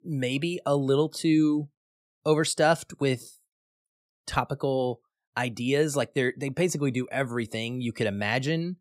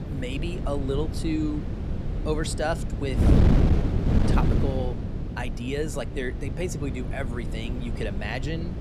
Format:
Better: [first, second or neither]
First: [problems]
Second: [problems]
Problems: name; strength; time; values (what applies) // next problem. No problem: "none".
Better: first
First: none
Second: wind noise on the microphone; heavy; 3 dB below the speech